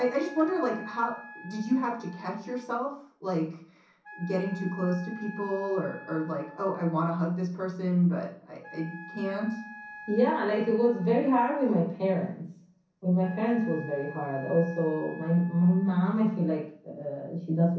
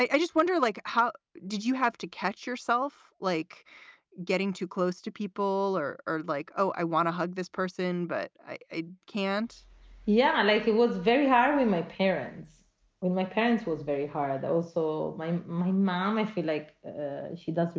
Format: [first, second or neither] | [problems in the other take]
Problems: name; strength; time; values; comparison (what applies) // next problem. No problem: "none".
second | background sound (Wind instrument, woodwind instrument); 19 dB below the speech // room echo; dies away in 0.6 s